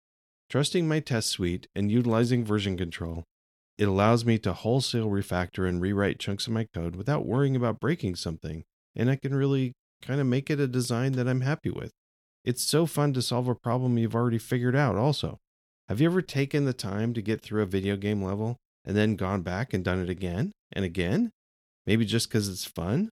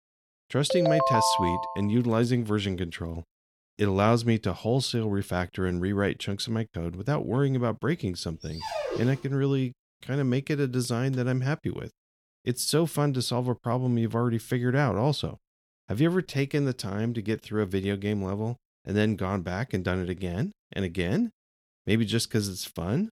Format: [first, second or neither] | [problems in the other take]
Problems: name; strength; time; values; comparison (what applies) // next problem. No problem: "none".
first | phone ringing; loud; from 0.5 to 2 s; peak 4 dB above the speech // dog barking; noticeable; at 8.5 s; peak 4 dB below the speech